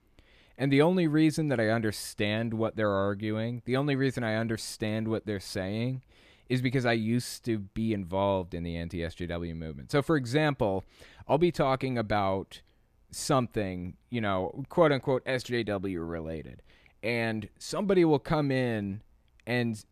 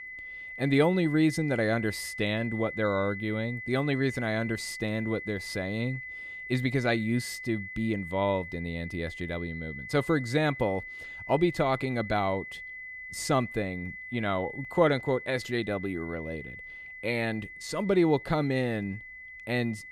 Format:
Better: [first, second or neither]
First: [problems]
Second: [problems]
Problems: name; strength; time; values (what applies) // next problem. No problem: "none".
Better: first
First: none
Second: high-pitched whine; loud; throughout; 2 kHz, 10 dB below the speech